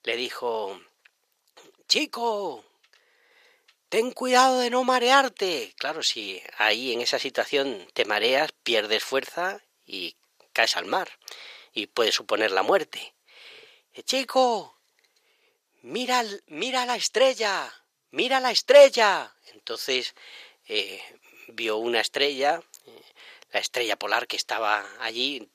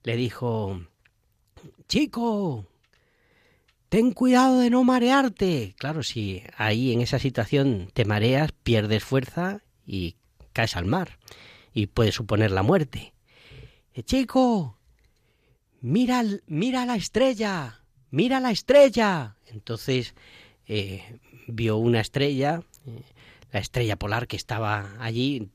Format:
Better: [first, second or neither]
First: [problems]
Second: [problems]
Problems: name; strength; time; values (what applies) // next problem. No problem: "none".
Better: second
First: thin; very; fading below 450 Hz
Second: none